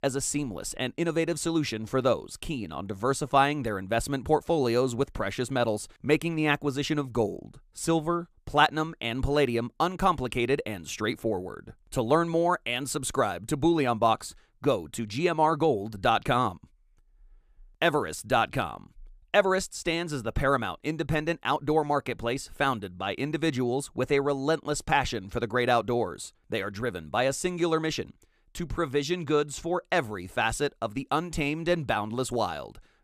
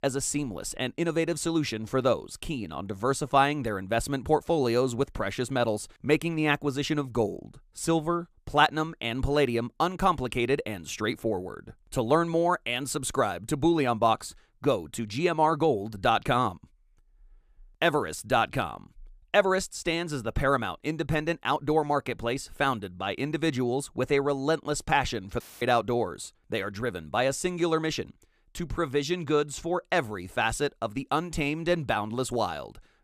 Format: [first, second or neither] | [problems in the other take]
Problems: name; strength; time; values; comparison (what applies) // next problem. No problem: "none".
first | audio cutting out; filled with static; at 25 s